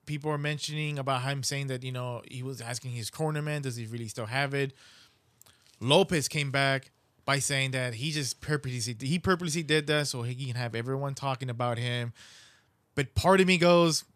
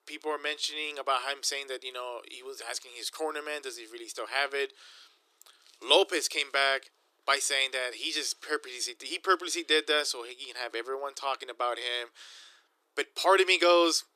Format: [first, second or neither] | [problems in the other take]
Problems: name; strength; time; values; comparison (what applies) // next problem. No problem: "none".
first | thin; very; fading below 300 Hz